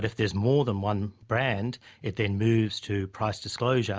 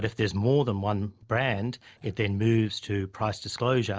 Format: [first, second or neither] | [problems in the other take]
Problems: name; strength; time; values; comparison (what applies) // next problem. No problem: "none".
first | noise reduction (neural separator model SepFormer DNS4)